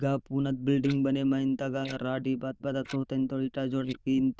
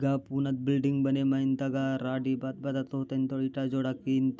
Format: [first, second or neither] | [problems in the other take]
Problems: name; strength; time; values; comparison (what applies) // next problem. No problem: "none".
second | noise reduction (neural diffusion model UNIVERSE++)